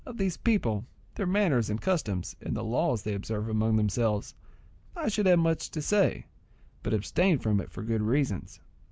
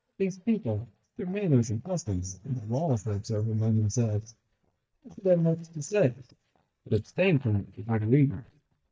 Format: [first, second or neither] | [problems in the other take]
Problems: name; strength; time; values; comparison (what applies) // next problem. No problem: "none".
first | noise reduction (neural mask model DeepFilterNet 3)